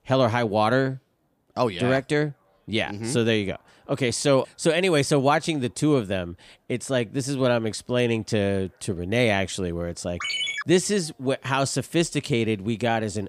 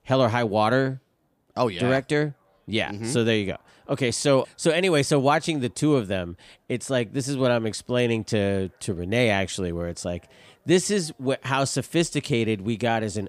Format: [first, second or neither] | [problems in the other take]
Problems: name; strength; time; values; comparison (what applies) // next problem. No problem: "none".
second | phone ringing; noticeable; at 10 s; peak 1 dB below the speech